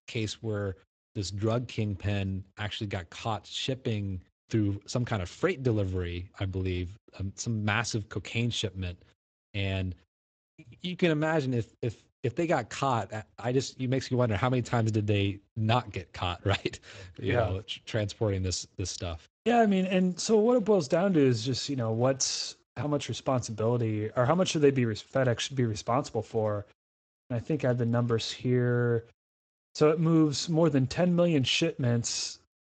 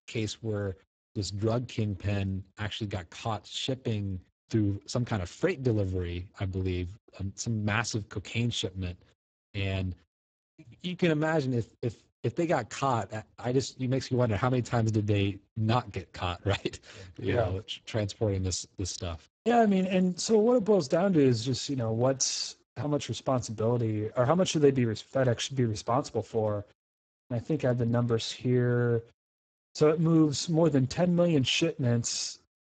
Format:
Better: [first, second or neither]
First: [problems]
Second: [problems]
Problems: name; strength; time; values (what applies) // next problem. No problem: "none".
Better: first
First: garbled, watery; slightly; nothing above 7.5 kHz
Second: garbled, watery; badly; nothing above 7.5 kHz